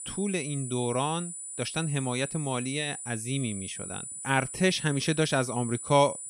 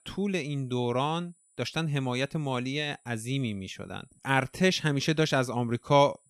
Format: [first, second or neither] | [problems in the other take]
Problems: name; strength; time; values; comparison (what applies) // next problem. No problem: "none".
second | high-pitched whine; loud; throughout; 9.5 kHz, 7 dB below the speech; faint in the second